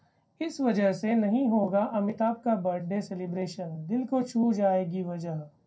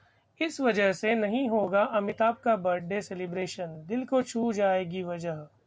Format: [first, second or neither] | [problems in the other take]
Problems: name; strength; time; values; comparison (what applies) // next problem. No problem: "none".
second | room echo; dies away in 0.2 s